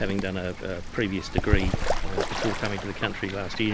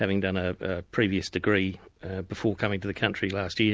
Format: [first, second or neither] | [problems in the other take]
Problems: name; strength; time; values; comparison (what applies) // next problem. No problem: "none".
second | background sound (Bird / Fowl); 1 dB above the speech